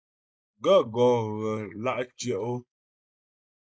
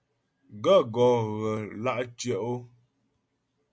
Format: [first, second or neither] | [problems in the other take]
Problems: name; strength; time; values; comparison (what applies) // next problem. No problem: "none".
second | noise reduction (neural mask model Resemble Enhance denoiser)